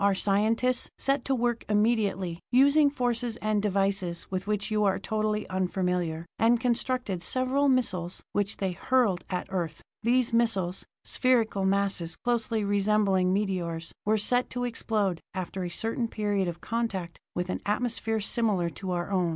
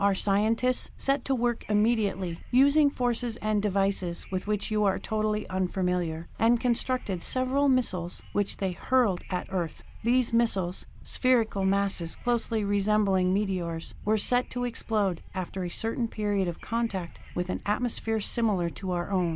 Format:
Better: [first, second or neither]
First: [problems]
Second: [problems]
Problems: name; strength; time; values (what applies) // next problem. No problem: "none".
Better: first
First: none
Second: background sound (Subway, metro, underground / Wind + Growling); 15 dB below the speech